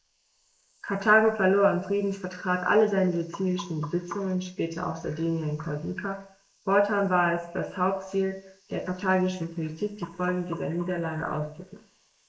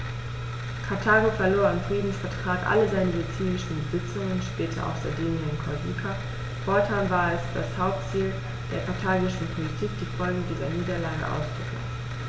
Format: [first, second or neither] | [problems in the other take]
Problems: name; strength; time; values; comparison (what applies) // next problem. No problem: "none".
second | noise reduction (neural mask model Resemble Enhance denoiser)